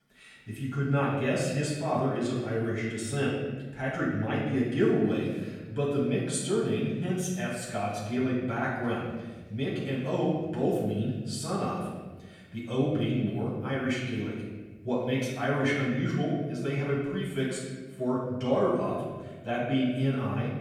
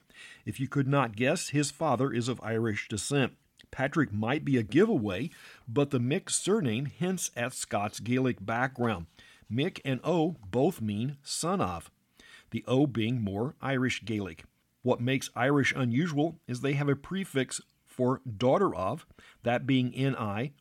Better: second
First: off-mic speech; far // room echo; noticeable; dies away in 1.3 s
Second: none

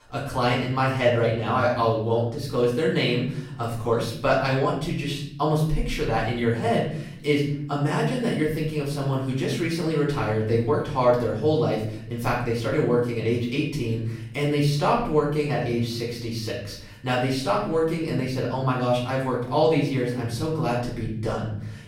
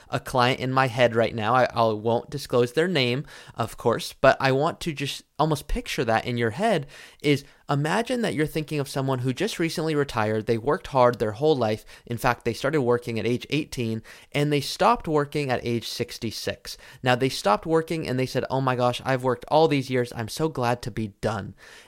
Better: second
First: off-mic speech; far // room echo; noticeable; dies away in 0.9 s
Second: none

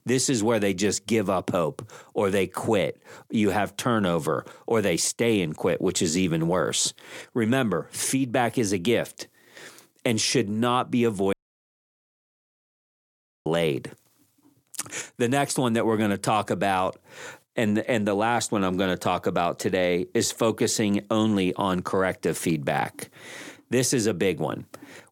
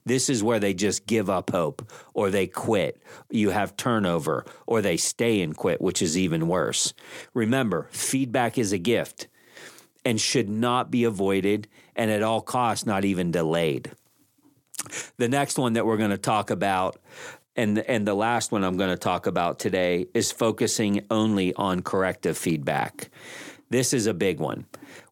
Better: second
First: audio cutting out; at 11 s for 2 s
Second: none

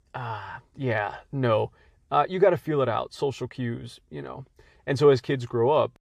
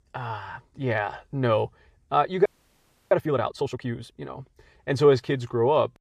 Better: first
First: none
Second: audio freezing; at 2.5 s for 0.5 s

